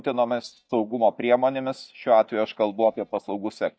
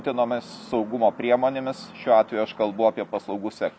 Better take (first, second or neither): second